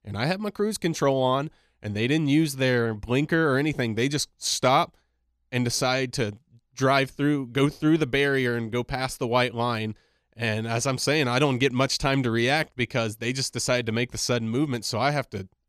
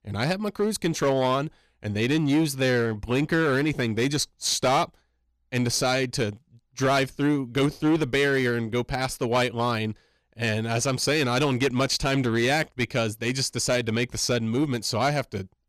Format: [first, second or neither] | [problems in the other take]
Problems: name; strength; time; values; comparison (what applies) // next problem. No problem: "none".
first | distortion; slight; 7% of the sound clipped